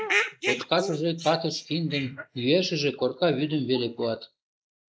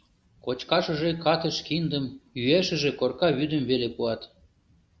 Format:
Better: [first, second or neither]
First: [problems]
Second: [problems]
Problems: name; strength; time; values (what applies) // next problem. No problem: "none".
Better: second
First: noise reduction (neural mask model Resemble Enhance denoiser)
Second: none